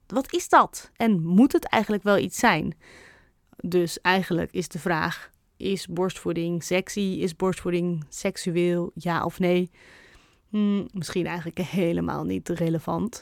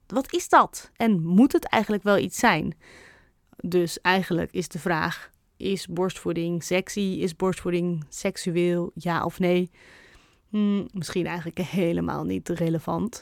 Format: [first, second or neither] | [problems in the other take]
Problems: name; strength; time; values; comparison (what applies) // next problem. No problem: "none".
neither | none